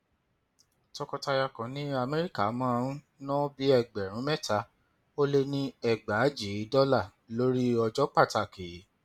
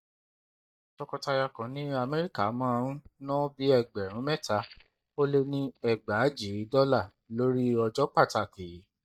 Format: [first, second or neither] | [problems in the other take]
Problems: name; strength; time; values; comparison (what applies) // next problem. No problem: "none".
first | noise reduction (neural mask model DeepFilterNet 3)